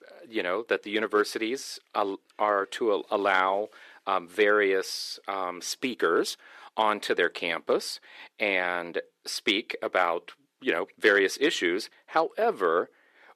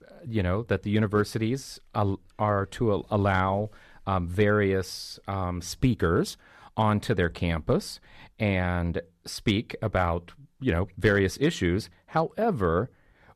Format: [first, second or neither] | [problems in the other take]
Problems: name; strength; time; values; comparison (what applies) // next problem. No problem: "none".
second | thin; very; fading below 350 Hz